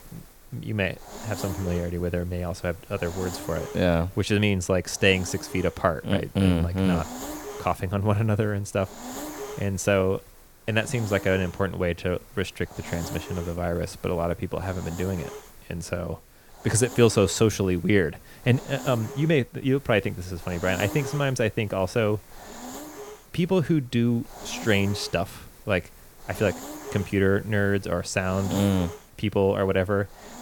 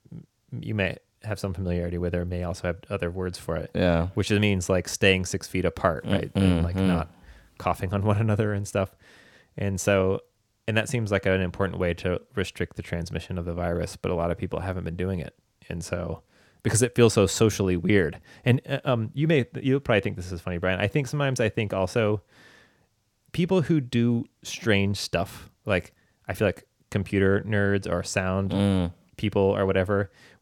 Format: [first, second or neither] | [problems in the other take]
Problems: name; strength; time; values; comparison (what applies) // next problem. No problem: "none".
second | hiss; noticeable; throughout; 15 dB below the speech